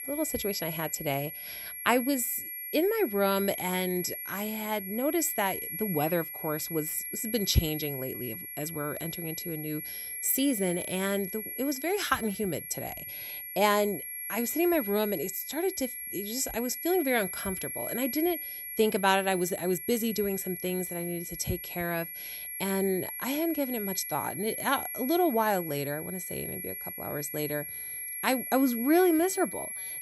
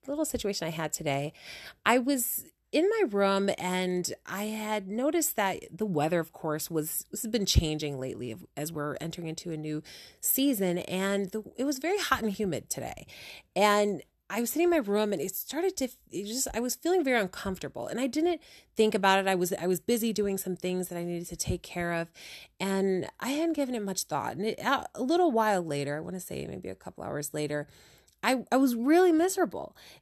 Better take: second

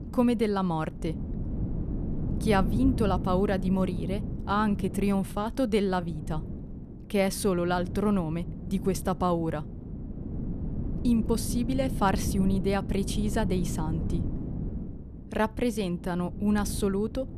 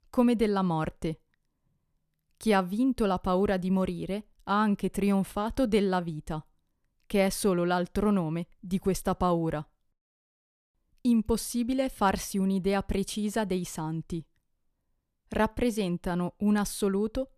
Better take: second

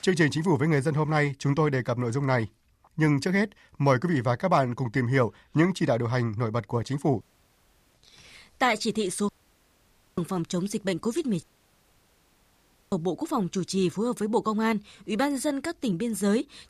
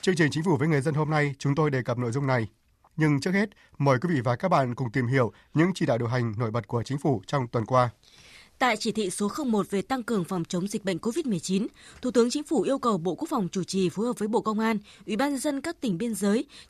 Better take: second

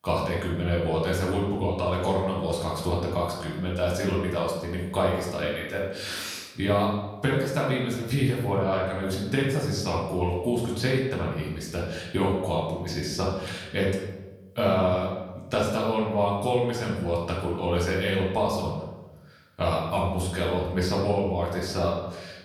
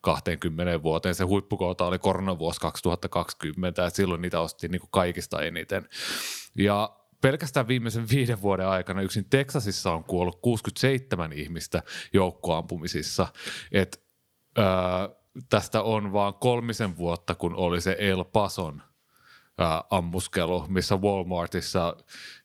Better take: second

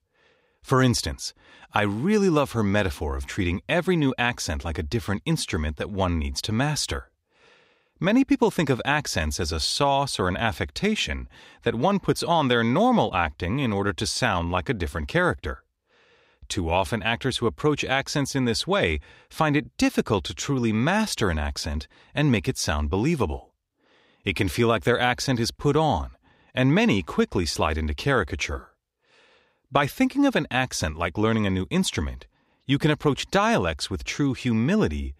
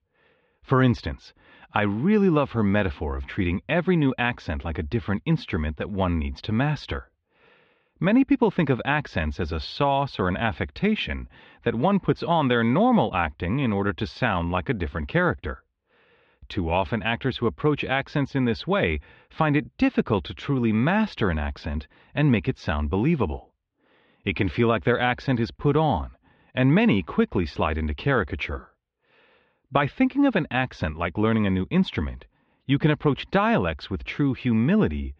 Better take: first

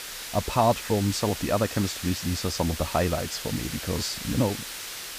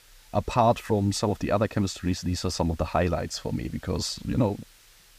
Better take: second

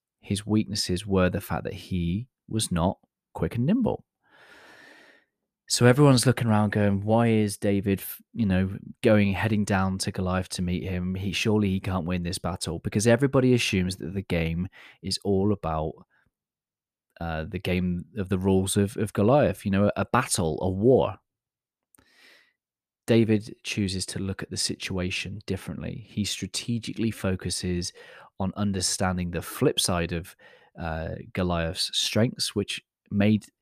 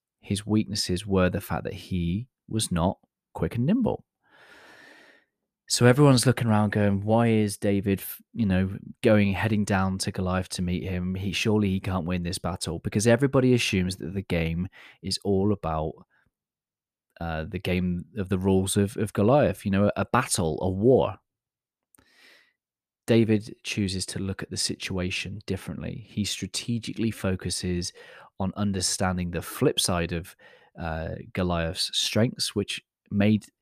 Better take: neither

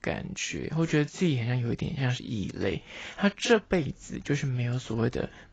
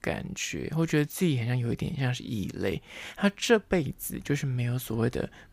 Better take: second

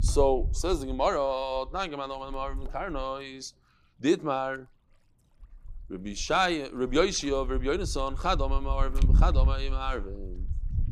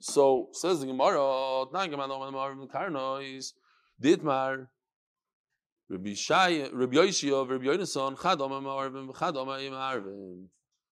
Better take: second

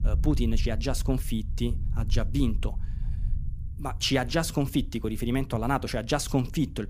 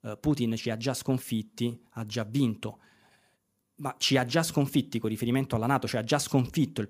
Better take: second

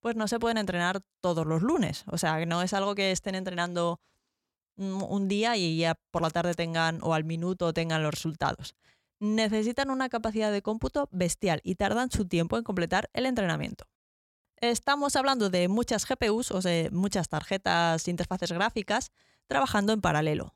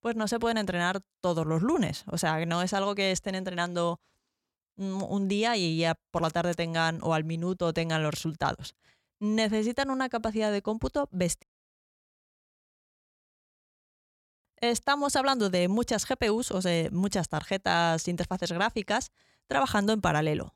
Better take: first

